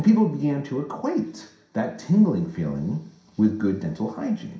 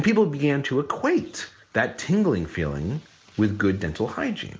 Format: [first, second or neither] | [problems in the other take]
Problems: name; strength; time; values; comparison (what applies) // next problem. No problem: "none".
second | room echo; dies away in 0.5 s